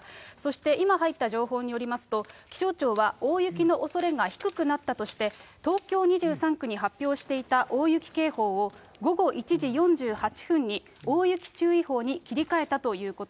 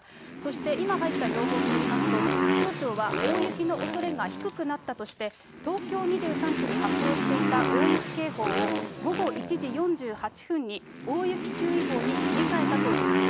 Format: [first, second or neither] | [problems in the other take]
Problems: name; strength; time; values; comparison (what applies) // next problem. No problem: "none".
first | background sound (Motorcycle); 2 dB above the speech